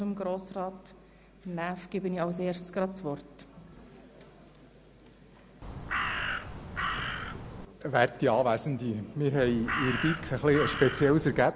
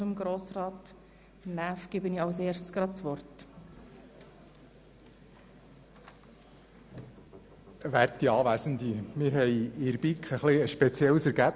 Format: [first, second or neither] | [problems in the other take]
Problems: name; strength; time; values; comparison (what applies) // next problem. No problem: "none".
second | background sound (Crow); 4 dB below the speech